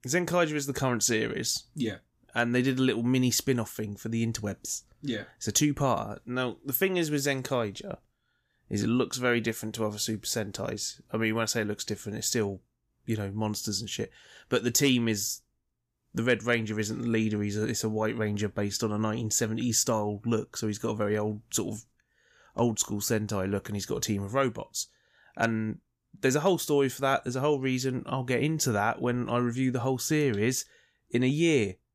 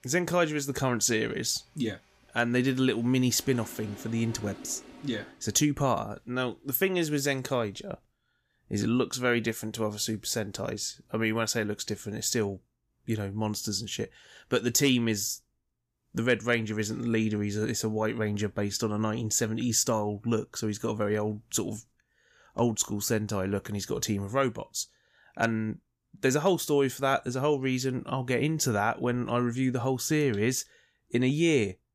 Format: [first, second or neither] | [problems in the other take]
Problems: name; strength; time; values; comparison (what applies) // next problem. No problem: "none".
first | household noises; noticeable; until 8 s; 20 dB below the speech